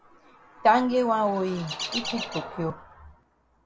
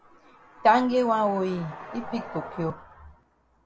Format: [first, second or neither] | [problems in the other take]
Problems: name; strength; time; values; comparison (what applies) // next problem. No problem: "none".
second | background sound (Chirp, tweet); 11 dB below the speech